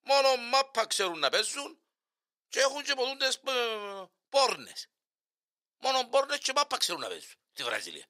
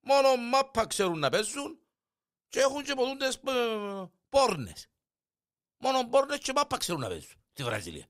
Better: second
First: thin; somewhat; fading below 450 Hz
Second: none

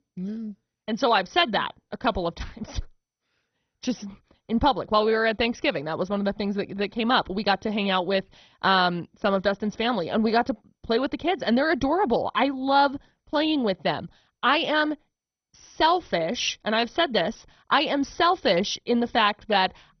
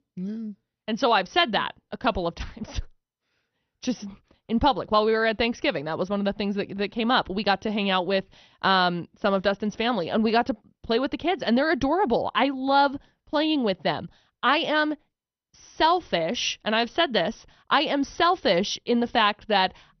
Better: second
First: garbled, watery; badly; nothing above 6 kHz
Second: garbled, watery; slightly; nothing above 6 kHz

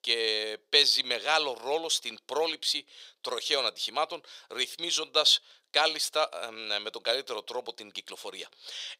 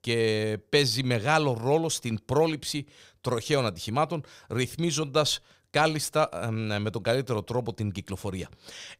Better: second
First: thin; very; fading below 450 Hz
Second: none

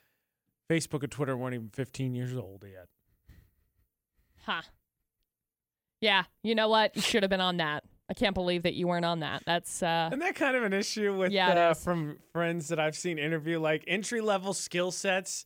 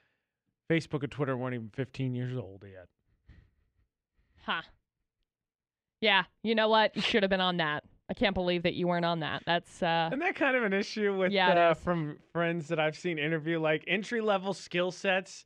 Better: first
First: none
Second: muffled; very slightly; fading above 3 kHz

